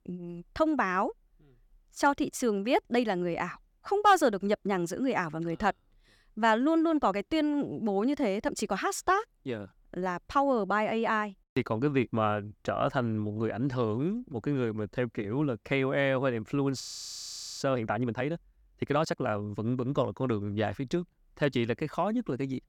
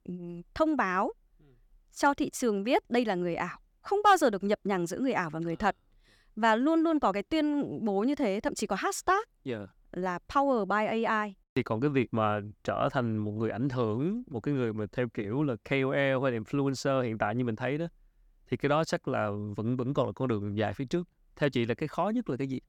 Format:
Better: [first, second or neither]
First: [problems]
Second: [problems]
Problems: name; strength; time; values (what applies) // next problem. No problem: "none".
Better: second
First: audio freezing; at 17 s for 1 s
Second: none